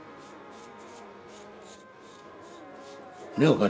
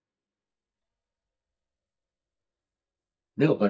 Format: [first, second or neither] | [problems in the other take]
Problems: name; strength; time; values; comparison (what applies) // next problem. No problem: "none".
first | noise reduction (neural mask model DeepFilterNet 3)